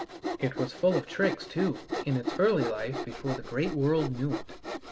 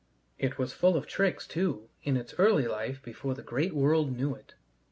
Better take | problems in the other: second | background sound (Sawing); 7 dB below the speech

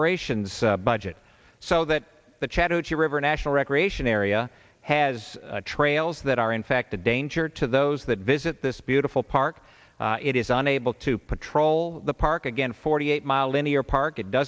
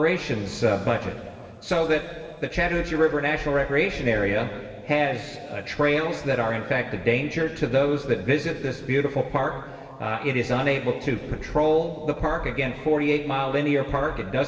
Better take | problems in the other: first | room echo; dies away in 2.3 s

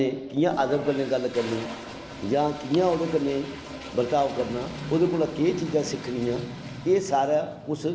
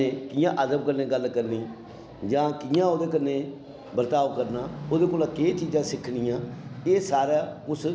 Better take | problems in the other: second | background sound (Toilet flush); 15 dB below the speech

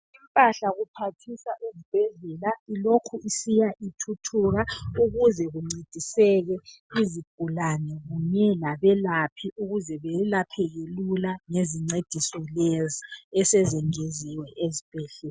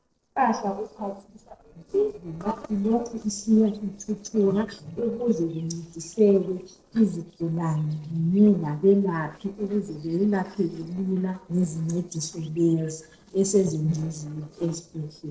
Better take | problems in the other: first | noise reduction (neural separator model SepFormer DNS4)

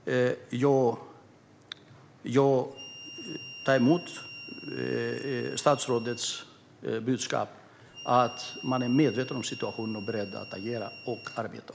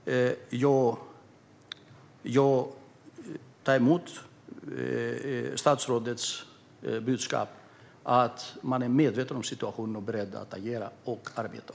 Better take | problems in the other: second | background sound (Harmonica); 16 dB below the speech

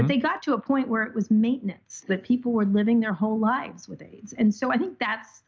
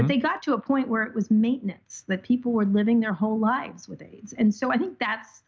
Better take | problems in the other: second | noise reduction (neural mask model Resemble Enhance denoiser)

